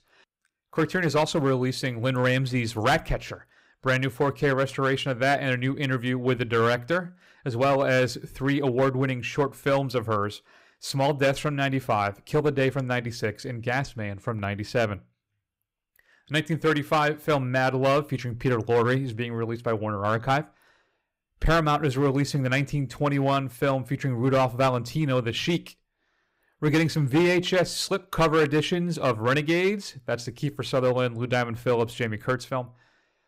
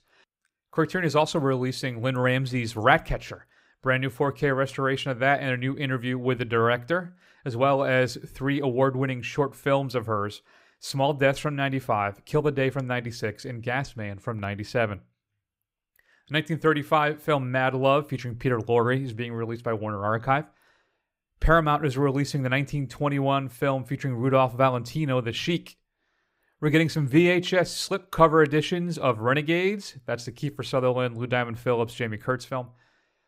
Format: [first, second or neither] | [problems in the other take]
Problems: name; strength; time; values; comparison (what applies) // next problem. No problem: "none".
second | distortion; slight; 4% of the sound clipped